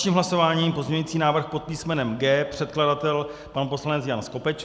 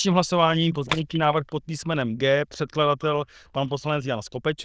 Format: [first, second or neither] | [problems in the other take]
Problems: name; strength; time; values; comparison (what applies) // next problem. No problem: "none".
first | noise reduction (neural diffusion model UNIVERSE++)